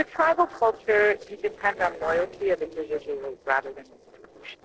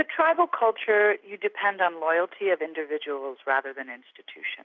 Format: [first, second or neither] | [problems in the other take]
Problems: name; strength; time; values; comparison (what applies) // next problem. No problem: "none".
second | noise reduction (neural separator model SepFormer DNS4)